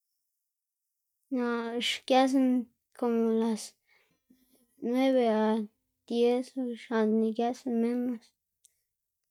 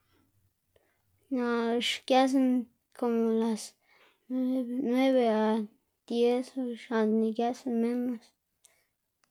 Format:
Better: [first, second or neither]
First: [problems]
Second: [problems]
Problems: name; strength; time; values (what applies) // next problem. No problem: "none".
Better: second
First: noise reduction (neural mask model DeepFilterNet 3)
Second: none